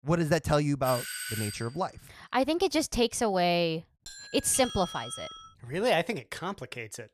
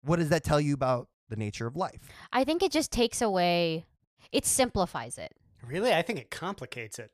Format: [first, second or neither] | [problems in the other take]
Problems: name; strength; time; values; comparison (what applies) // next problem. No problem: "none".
second | doorbell; noticeable; at 1 s and from 4 to 5.5 s; peak 5 dB below the speech